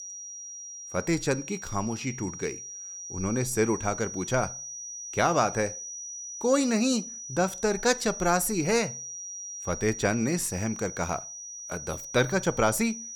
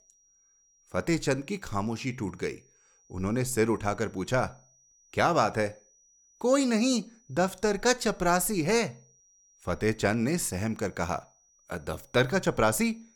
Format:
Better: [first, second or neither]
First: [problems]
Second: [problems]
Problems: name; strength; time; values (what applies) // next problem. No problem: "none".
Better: second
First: high-pitched whine; loud; throughout; 6 kHz, 9 dB below the speech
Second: high-pitched whine; faint; throughout; 6 kHz, 35 dB below the speech